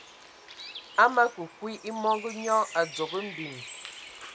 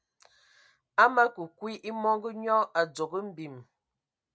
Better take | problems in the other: second | background sound (Bird); 14 dB below the speech

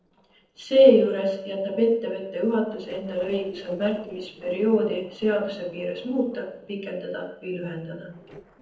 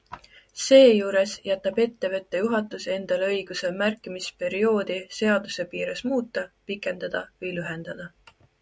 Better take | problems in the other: second | noise reduction (neural separator model SepFormer DNS4)

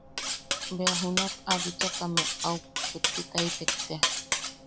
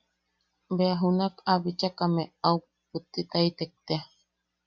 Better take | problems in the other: second | background sound (Cutlery, silverware); 4 dB above the speech

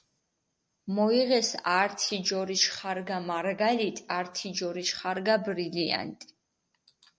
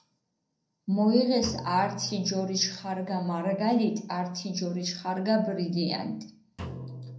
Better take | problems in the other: first | background sound (Drum); 17 dB below the speech // room echo; dies away in 0.6 s

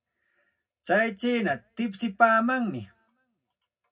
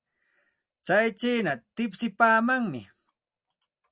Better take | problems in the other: second | room echo; dies away in 0.2 s

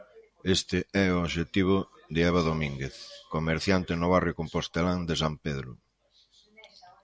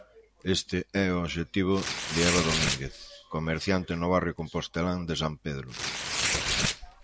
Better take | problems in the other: first | background sound (Tearing); 4 dB below the speech

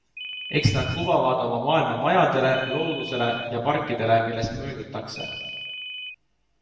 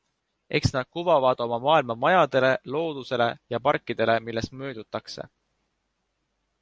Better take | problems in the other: second | background sound (Ringtone); 10 dB below the speech // room echo; dies away in 1.2 s

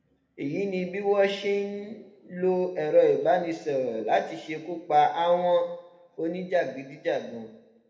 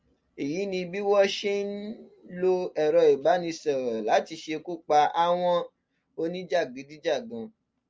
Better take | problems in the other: second | room echo; dies away in 0.9 s

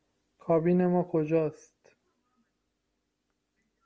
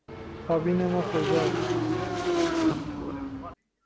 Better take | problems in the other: first | background sound (Motorcycle / Engine); 3 dB above the speech

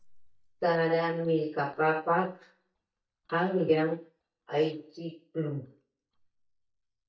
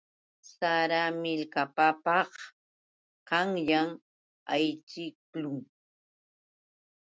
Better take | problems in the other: second | noise reduction (neural mask model DeepFilterNet 3)

